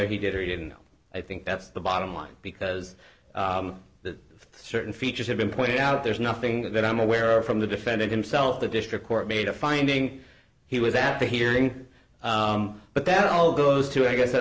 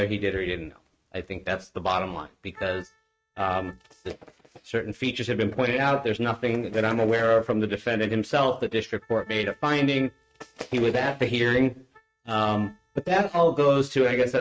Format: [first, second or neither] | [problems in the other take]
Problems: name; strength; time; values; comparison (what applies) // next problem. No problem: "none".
first | noise reduction (neural mask model RNNoise)